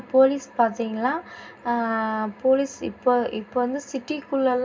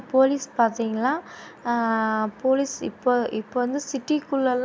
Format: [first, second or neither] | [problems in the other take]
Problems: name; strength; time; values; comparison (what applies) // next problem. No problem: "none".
second | room echo; dies away in 0.2 s